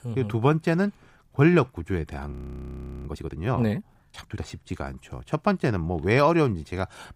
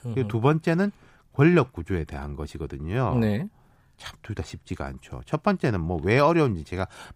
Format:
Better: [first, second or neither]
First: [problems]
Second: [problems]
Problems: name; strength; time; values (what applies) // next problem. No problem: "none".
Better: second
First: audio freezing; at 2.5 s for 0.5 s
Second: none